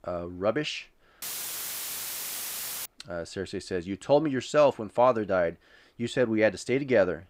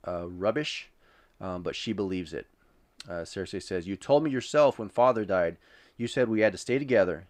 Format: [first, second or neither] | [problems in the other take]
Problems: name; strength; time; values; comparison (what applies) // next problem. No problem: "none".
second | audio cutting out; filled with static; at 1 s for 1.5 s